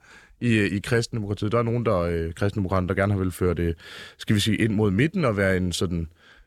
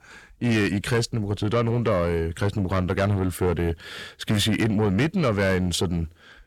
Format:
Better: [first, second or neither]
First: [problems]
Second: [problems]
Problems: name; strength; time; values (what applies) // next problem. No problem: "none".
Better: first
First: none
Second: distortion; slight; 10 dB below the speech